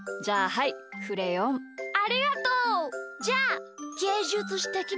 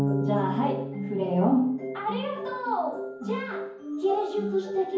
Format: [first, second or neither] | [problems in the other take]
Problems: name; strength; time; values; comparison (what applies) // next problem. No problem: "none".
first | background sound (Bass guitar); 7 dB below the speech // room echo; dies away in 0.9 s